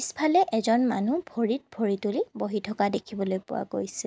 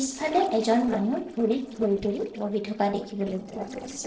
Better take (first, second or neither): first